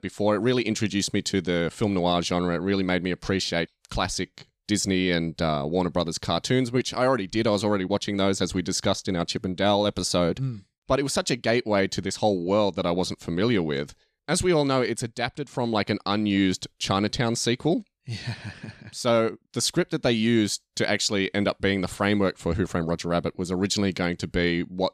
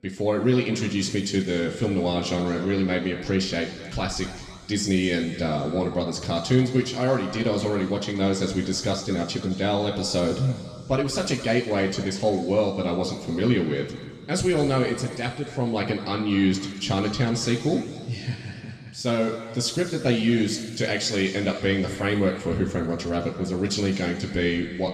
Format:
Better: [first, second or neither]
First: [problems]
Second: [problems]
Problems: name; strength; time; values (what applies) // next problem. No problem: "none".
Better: first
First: none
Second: room echo; noticeable; dies away in 2.3 s // off-mic speech; somewhat distant